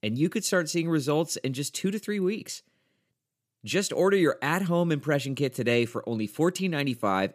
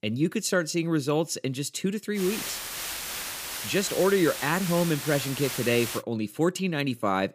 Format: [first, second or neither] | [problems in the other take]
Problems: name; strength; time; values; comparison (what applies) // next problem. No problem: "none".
first | hiss; loud; from 2 to 6 s; 6 dB below the speech